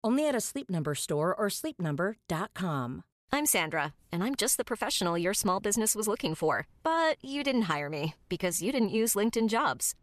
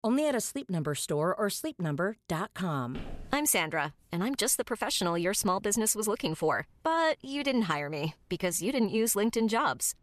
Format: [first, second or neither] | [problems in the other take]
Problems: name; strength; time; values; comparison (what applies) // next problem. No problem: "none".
first | footsteps; faint; at 3 s; peak 15 dB below the speech